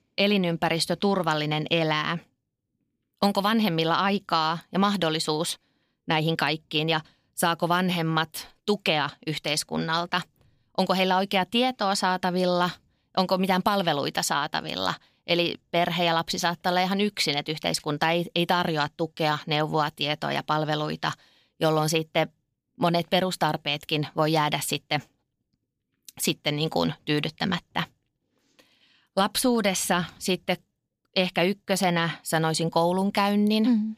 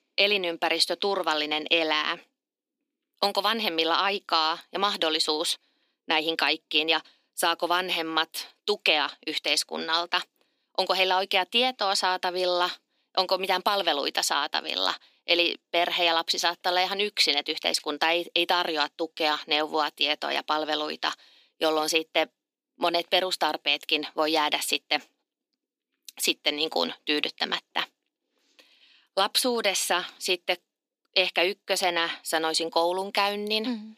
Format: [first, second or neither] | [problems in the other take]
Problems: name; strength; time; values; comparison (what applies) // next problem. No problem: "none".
first | thin; somewhat; fading below 300 Hz